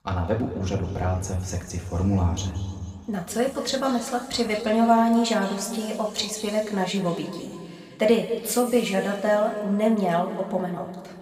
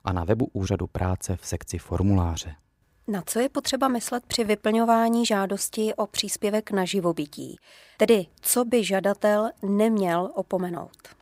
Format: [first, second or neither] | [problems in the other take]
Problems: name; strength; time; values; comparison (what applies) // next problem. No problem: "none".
second | room echo; noticeable; dies away in 2.1 s // off-mic speech; far